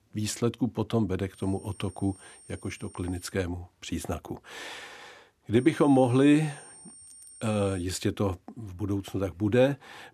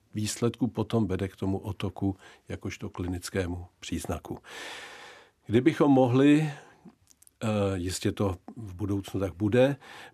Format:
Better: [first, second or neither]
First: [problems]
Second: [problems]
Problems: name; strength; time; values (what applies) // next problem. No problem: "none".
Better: second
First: high-pitched whine; faint; from 1.5 to 3.5 s and from 5.5 to 8 s; 9 kHz, 20 dB below the speech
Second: none